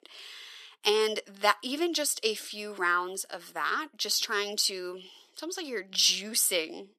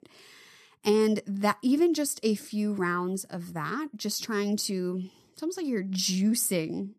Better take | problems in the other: second | thin; very; fading below 450 Hz

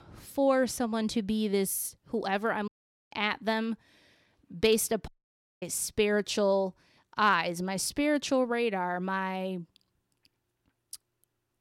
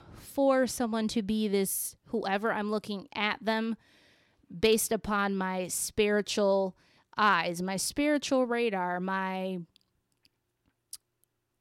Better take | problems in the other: second | audio cutting out; at 2.5 s and at 5 s for 0.5 s

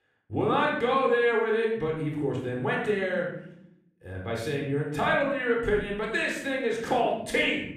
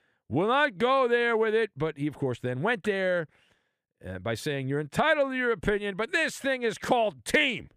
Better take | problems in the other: second | off-mic speech; somewhat distant // room echo; noticeable; dies away in 0.7 s

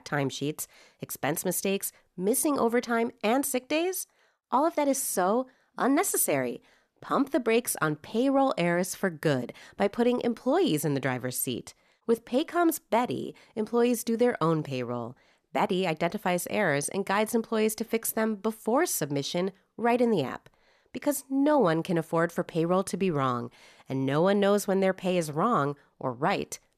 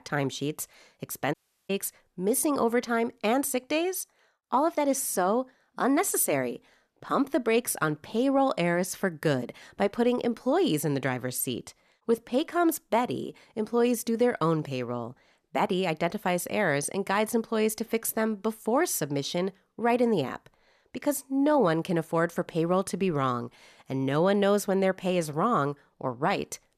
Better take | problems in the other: first | audio cutting out; at 1.5 s

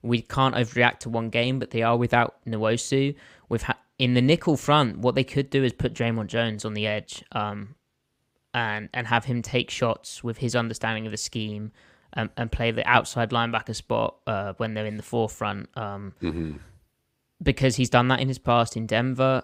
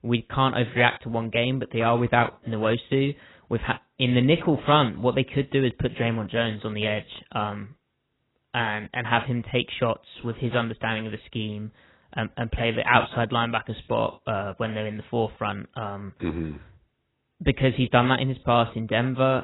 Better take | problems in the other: first | garbled, watery; badly; nothing above 4 kHz

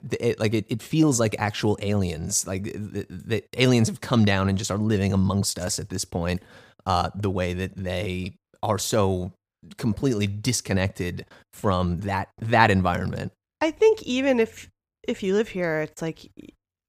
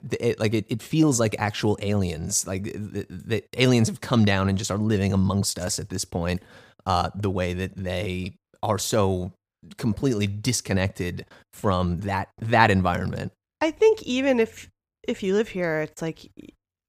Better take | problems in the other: neither | none

